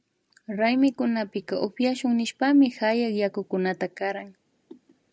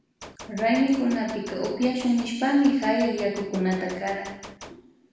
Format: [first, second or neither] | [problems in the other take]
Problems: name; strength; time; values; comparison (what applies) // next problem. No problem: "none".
first | background sound (Gunshot, gunfire); 18 dB below the speech // room echo; dies away in 0.9 s